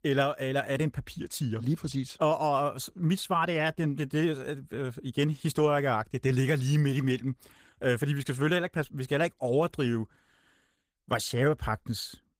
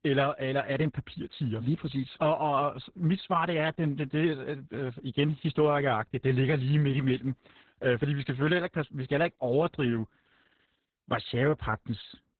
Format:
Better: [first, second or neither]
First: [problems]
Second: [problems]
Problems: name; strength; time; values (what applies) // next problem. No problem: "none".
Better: first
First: garbled, watery; slightly; nothing above 15.5 kHz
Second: garbled, watery; badly; nothing above 4 kHz